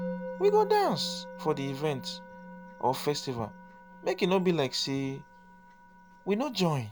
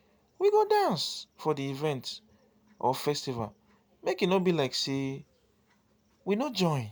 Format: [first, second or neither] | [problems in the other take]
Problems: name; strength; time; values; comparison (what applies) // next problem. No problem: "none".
second | background sound (Musical instrument); 13 dB below the speech